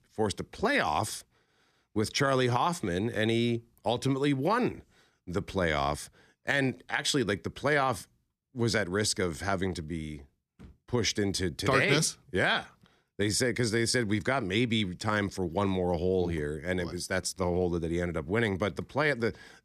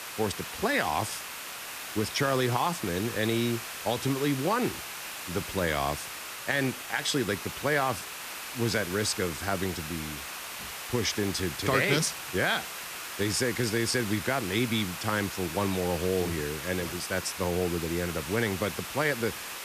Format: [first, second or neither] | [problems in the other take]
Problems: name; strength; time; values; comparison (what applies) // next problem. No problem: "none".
first | hiss; loud; throughout; 7 dB below the speech